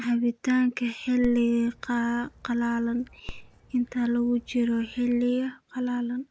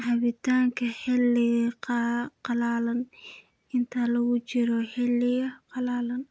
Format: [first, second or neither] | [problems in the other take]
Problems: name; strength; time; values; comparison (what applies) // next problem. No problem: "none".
second | background sound (Dog); 19 dB below the speech